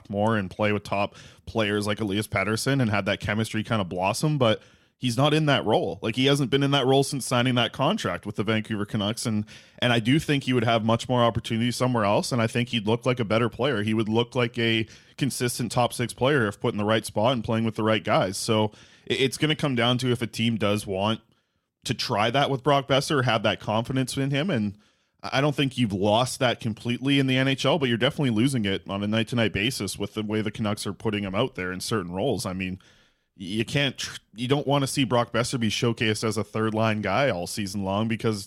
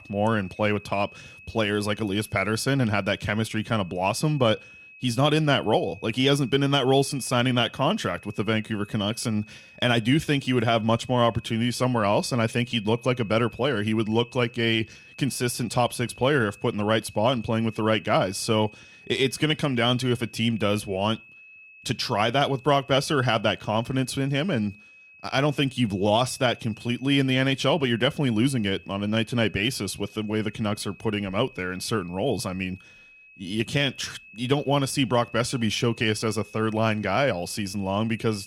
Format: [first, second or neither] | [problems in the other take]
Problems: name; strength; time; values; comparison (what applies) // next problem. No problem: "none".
first | high-pitched whine; faint; throughout; 2.5 kHz, 20 dB below the speech